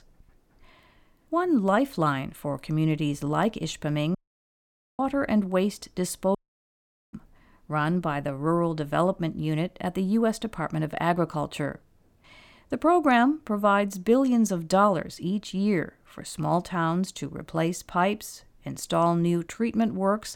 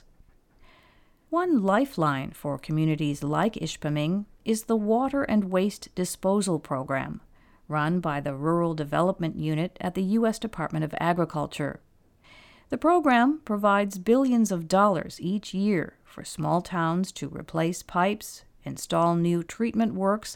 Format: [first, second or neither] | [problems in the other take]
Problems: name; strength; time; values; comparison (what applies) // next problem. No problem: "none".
second | audio cutting out; at 4 s for 1 s and at 6.5 s for 1 s